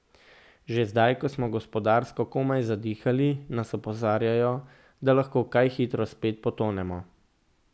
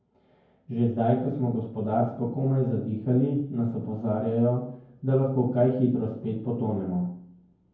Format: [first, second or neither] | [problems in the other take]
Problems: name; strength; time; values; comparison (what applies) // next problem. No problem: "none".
first | room echo; dies away in 0.9 s